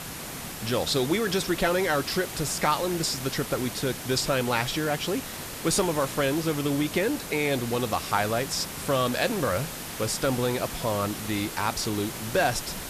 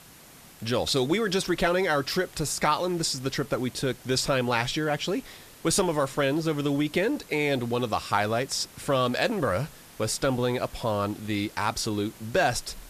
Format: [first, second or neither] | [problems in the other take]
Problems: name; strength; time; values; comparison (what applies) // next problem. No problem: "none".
second | hiss; loud; throughout; 8 dB below the speech; faint in the second